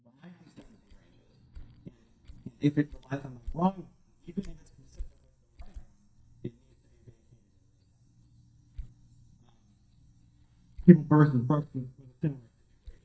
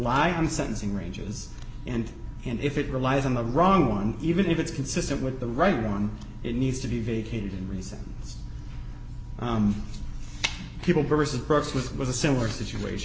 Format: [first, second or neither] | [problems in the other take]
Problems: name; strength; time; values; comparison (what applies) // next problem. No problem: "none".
second | noise reduction (neural mask model DeepFilterNet 3)